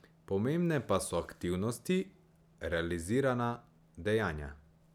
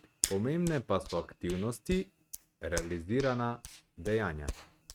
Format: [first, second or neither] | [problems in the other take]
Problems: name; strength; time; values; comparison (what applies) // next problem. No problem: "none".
first | noise reduction (neural mask model RNNoise)